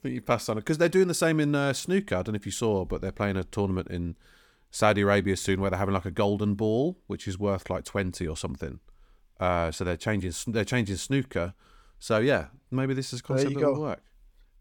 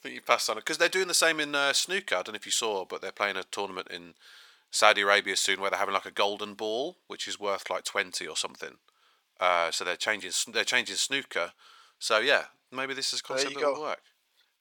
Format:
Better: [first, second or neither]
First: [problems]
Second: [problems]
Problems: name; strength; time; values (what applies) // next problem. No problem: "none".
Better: first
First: none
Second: thin; very; fading below 700 Hz